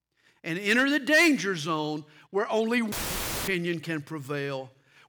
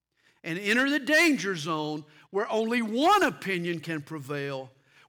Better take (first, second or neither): second